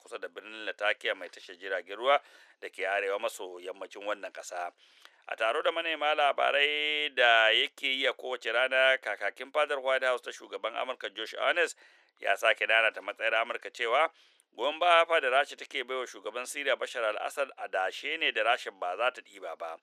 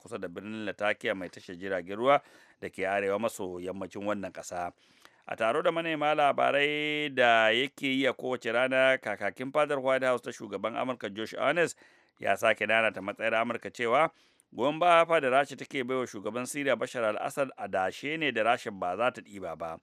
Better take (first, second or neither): second